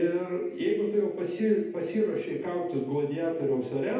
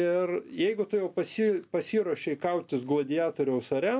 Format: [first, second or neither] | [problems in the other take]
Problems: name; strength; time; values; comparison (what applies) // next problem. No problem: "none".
second | room echo; dies away in 0.8 s